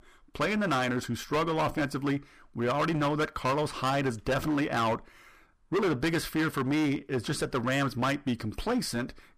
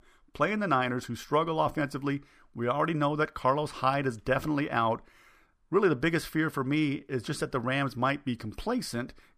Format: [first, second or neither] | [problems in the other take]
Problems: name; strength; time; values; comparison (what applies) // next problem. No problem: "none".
second | distortion; heavy; 15% of the sound clipped